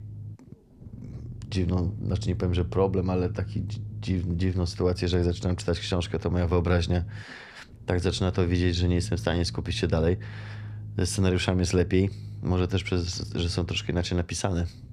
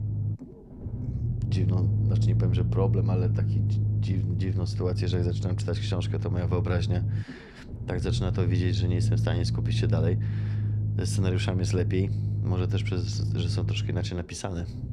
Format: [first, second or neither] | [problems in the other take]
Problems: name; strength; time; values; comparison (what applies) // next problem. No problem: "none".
first | low rumble; loud; throughout; 5 dB below the speech; faint in the first